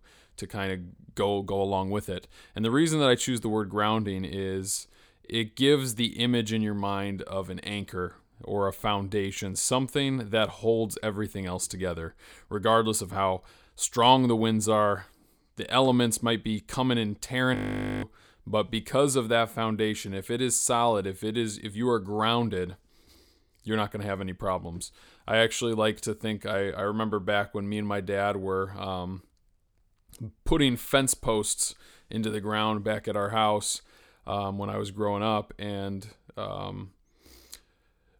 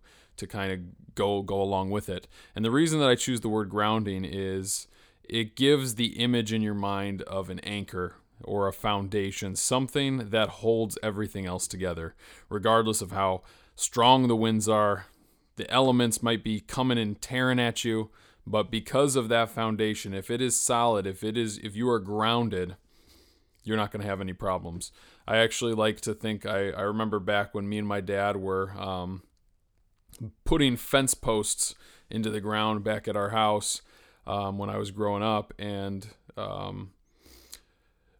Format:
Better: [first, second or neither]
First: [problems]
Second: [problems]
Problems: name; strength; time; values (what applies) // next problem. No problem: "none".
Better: second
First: audio freezing; at 18 s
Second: none